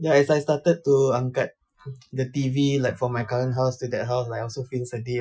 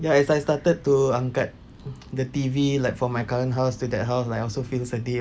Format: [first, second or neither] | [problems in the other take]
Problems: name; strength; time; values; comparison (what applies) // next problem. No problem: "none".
second | noise reduction (classical method Wiener filter)